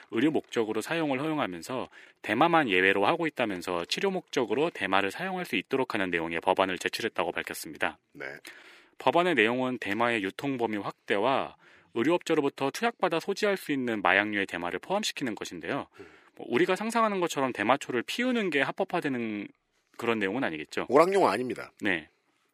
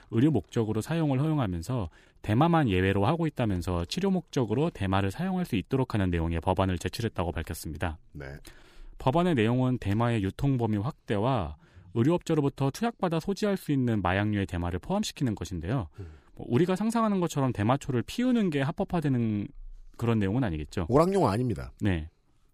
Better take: second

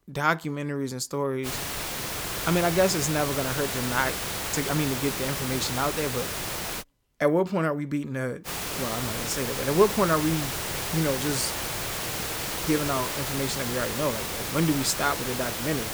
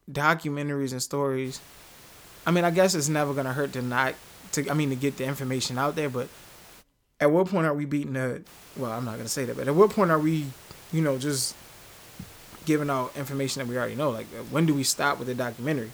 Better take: second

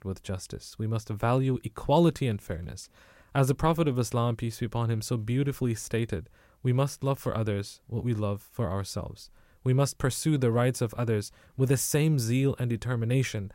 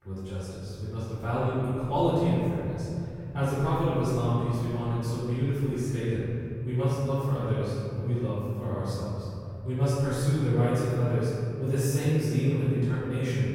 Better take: first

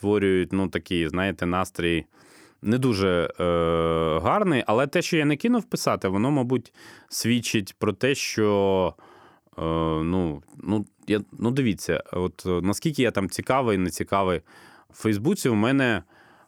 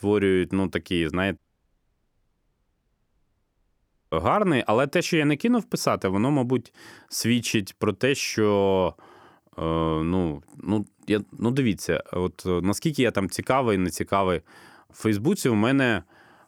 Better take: first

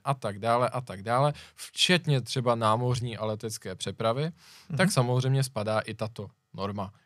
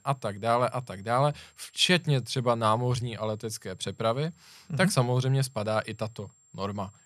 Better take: first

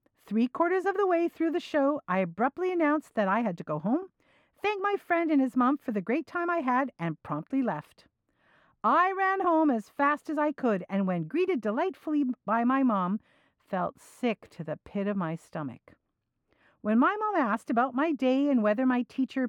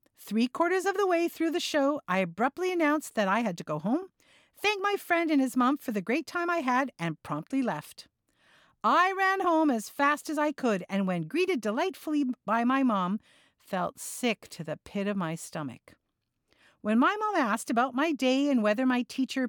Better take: second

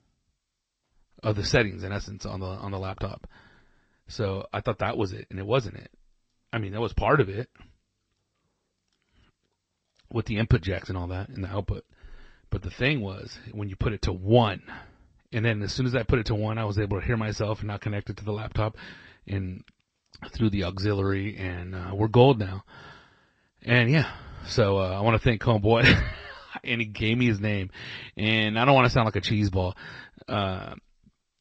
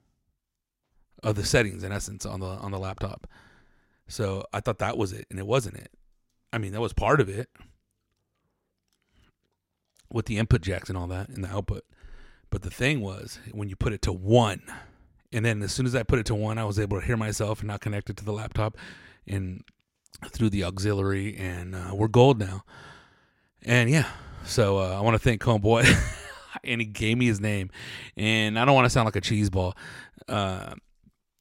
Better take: second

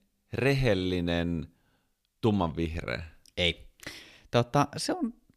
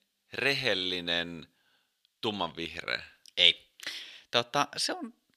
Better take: first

